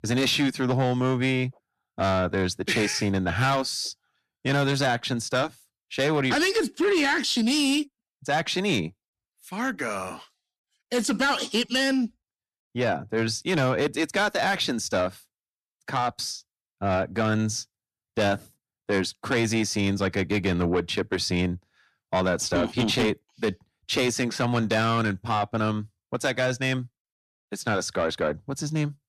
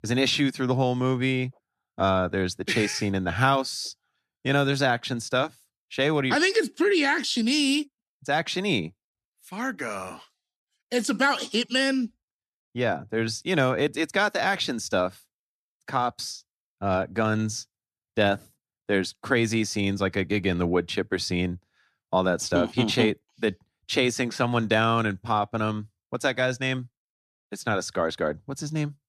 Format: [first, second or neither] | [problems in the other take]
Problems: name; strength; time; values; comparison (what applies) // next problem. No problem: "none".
second | distortion; slight; 10 dB below the speech